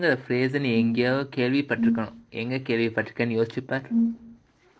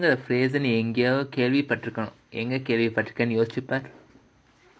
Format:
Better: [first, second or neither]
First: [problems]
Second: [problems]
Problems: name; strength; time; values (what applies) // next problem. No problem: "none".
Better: second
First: noise reduction (neural separator model SepFormer DNS4)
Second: none